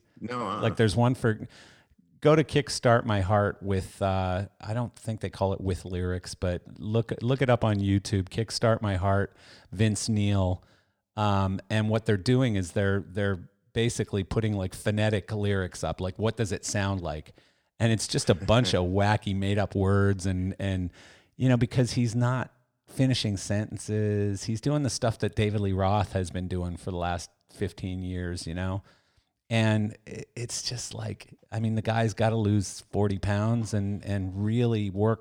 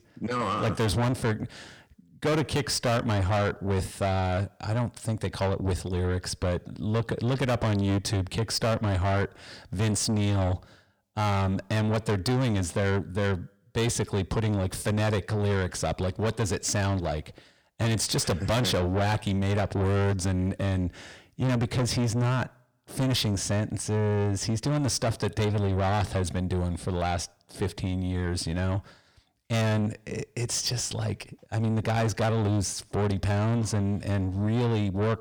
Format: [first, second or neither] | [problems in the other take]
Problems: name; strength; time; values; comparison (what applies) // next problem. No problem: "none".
first | distortion; heavy; 7 dB below the speech